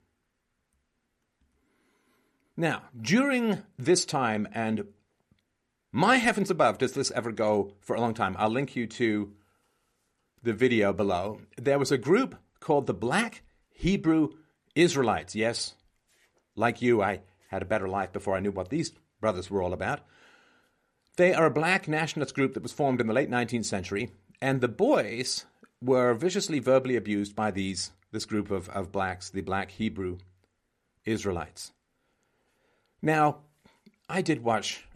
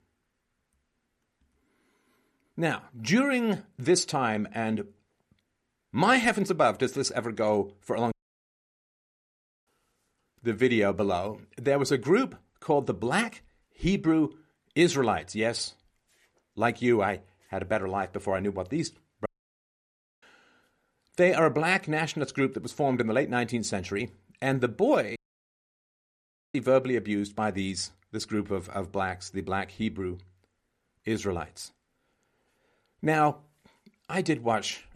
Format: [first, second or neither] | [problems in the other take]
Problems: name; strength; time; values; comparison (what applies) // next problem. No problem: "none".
first | audio cutting out; at 8 s for 1.5 s, at 19 s for 1 s and at 25 s for 1.5 s